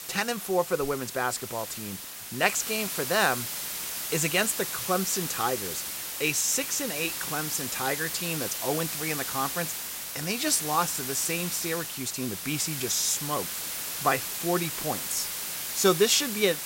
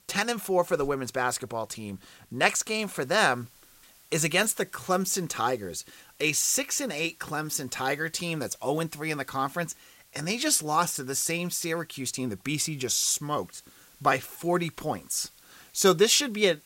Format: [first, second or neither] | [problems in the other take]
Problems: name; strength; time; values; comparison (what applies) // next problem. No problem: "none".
second | hiss; loud; throughout; 4 dB below the speech; faint in the second